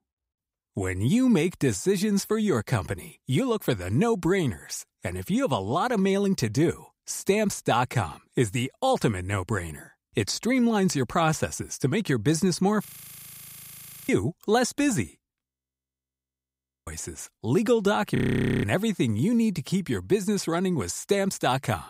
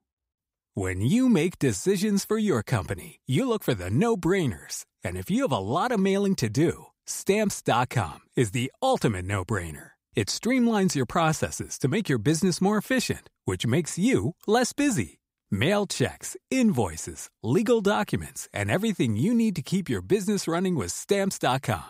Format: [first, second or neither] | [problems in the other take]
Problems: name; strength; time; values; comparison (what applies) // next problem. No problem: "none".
second | audio freezing; at 13 s for 1 s, at 15 s for 1.5 s and at 18 s